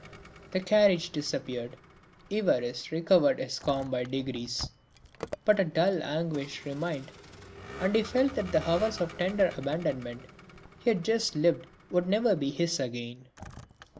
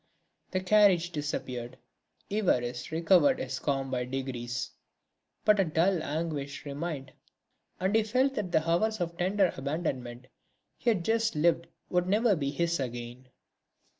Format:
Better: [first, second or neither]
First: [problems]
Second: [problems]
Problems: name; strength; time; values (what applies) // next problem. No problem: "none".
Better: second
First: background sound (Vehicle); 17 dB below the speech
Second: none